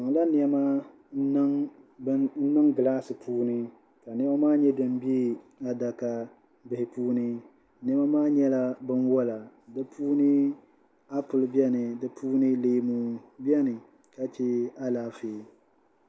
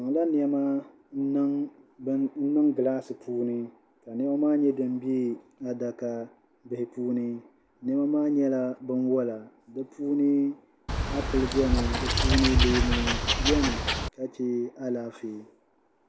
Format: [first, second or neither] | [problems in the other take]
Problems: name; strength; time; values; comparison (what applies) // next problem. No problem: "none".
first | background sound (Wild animals); 3 dB above the speech